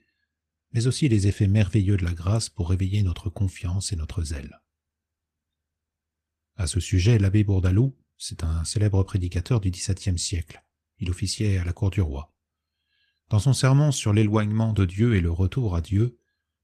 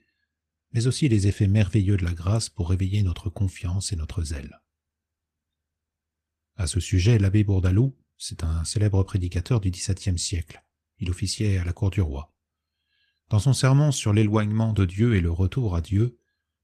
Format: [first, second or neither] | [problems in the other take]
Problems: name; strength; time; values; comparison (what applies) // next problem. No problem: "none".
neither | garbled, watery; slightly; nothing above 14.5 kHz; the same in both